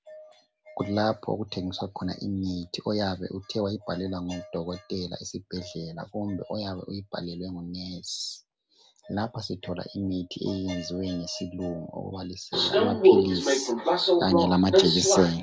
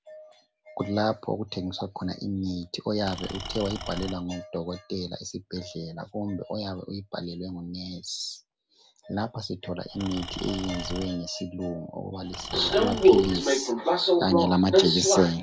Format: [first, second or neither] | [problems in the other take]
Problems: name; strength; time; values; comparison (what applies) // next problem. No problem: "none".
first | background sound (Engine / Tools); 11 dB below the speech